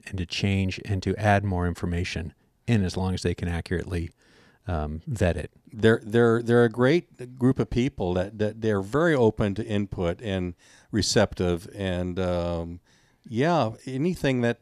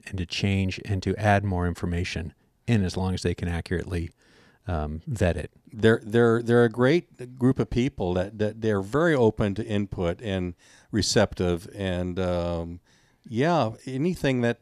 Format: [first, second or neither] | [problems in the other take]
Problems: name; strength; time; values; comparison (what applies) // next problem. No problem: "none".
neither | none